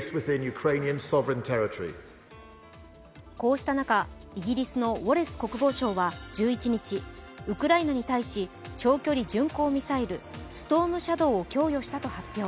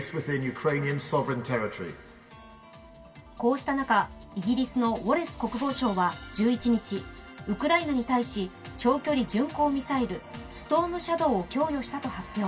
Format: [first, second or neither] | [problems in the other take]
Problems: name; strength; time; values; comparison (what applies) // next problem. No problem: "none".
first | room echo; dies away in 0.1 s